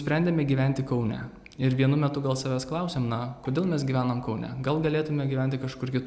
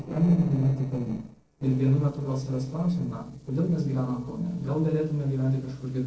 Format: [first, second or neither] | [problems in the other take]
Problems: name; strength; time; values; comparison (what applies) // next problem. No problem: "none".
first | noise reduction (neural separator model SepFormer DNS4)